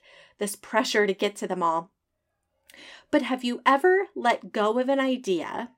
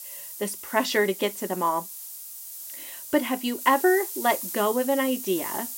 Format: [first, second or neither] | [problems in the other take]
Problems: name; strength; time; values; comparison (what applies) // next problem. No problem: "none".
first | hiss; loud; throughout; 9 dB below the speech